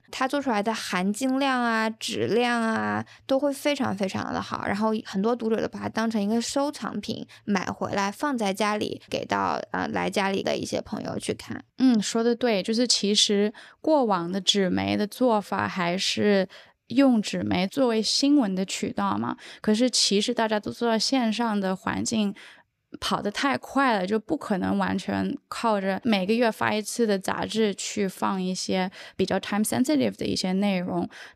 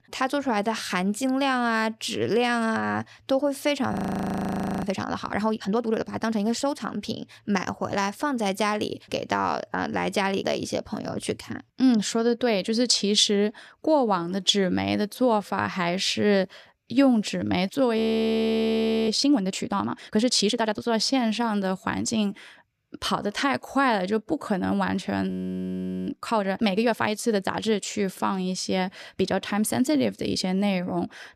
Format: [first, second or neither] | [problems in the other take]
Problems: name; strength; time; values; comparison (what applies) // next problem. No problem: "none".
first | audio freezing; at 4 s for 1 s, at 18 s for 1 s and at 25 s for 1 s